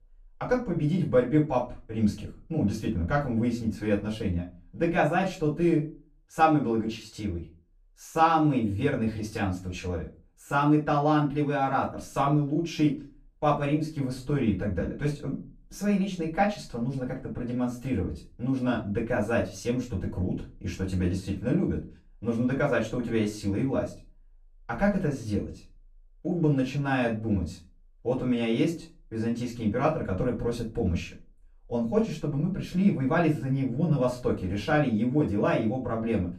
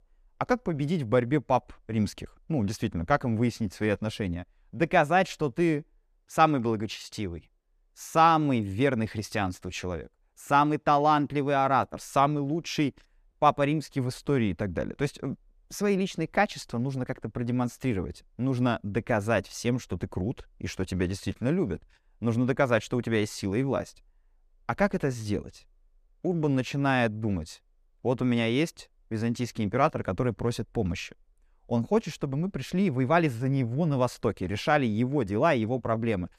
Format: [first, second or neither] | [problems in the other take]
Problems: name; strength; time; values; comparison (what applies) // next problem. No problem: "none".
second | off-mic speech; far // room echo; slight; dies away in 0.3 s